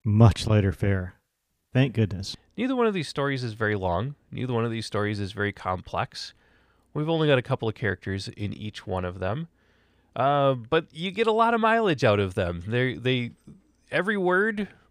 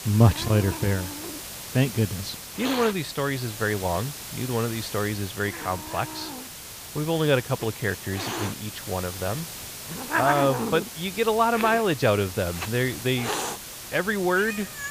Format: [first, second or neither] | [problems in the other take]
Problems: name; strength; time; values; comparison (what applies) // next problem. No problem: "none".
first | hiss; loud; throughout; 7 dB below the speech